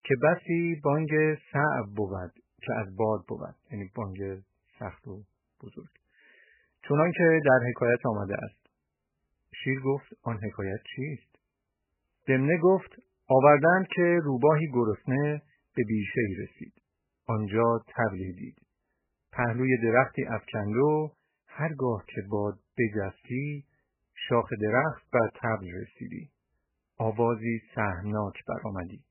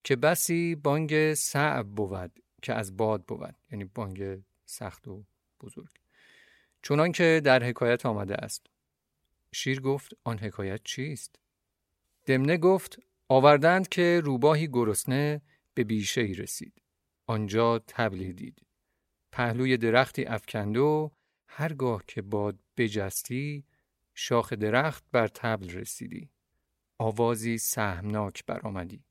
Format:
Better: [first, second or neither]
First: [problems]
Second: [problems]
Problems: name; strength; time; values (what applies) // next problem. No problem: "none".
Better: second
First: garbled, watery; badly; nothing above 3 kHz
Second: none